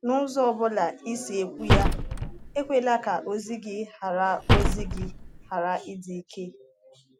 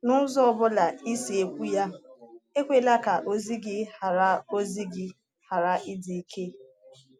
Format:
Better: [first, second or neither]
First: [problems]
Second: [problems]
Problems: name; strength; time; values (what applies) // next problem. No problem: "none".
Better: second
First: background sound (Slam); 5 dB above the speech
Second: none